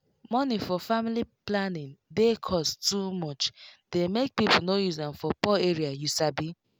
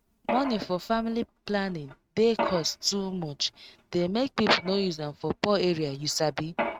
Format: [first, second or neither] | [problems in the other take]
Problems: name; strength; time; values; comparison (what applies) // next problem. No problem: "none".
first | noise reduction (neural mask model RNNoise)